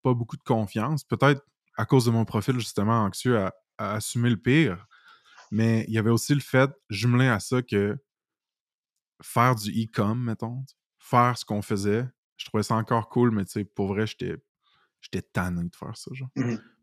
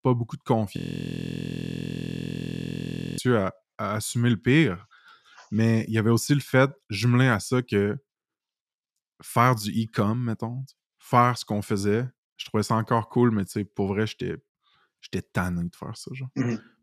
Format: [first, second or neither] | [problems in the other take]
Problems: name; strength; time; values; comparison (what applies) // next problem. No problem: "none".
first | audio freezing; at 1 s for 2.5 s